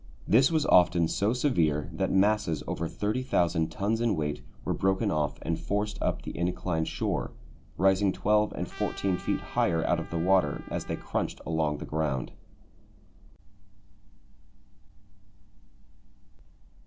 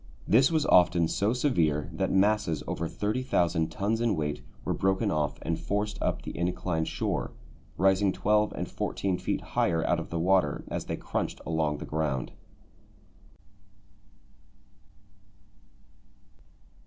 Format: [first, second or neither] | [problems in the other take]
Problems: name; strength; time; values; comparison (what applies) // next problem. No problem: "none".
second | background sound (Trumpet); 19 dB below the speech